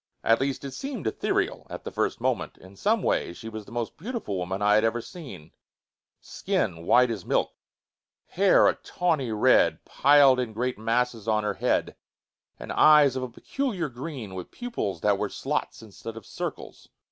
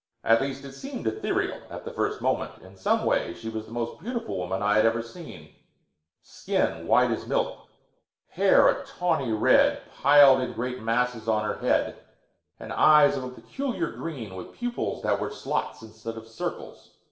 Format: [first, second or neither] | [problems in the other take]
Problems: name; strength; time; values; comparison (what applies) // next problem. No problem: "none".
first | room echo; dies away in 0.7 s